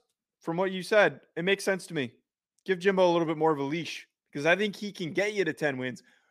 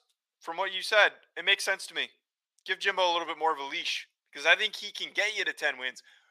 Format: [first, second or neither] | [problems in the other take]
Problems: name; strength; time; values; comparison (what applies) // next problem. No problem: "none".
first | thin; very; fading below 900 Hz